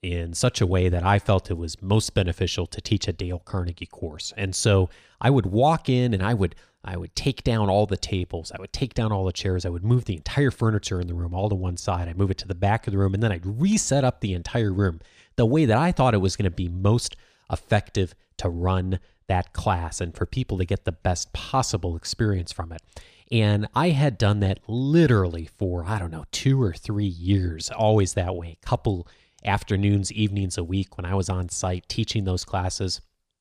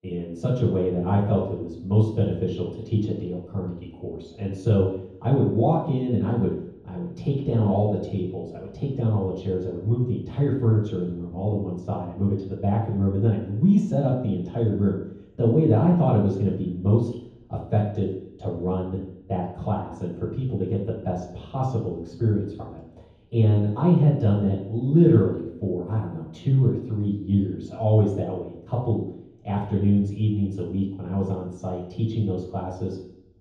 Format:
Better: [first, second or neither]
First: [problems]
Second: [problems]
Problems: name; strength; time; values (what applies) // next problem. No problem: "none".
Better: first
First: none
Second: room echo; strong; dies away in 0.9 s // off-mic speech; far